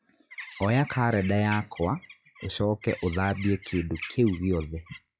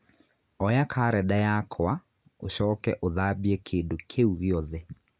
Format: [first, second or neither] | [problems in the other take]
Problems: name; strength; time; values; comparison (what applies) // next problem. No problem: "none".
second | noise reduction (classical method log-MMSE)